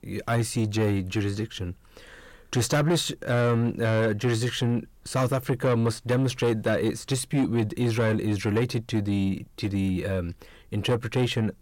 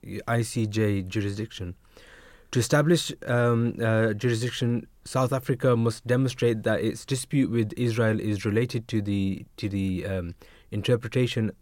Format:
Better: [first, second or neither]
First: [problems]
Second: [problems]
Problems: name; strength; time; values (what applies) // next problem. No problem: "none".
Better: second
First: distortion; slight; 10 dB below the speech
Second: none